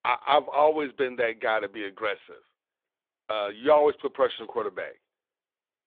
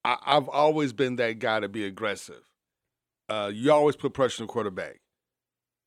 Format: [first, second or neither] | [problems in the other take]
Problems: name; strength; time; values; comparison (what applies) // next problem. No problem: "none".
second | phone-call audio; nothing above 3.5 kHz